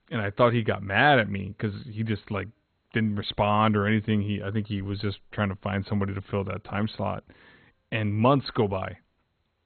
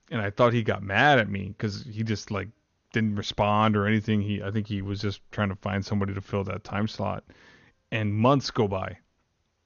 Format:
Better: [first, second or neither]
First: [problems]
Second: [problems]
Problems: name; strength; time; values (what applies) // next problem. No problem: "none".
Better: second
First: garbled, watery; badly; nothing above 4 kHz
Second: garbled, watery; slightly; nothing above 6.5 kHz